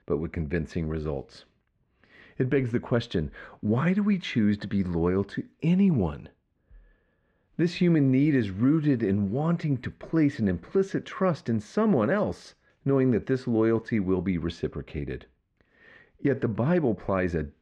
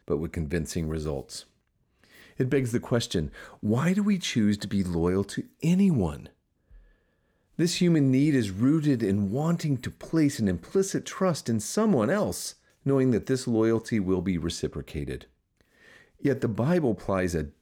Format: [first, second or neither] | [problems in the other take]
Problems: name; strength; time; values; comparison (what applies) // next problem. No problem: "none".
second | muffled; slightly; fading above 2.5 kHz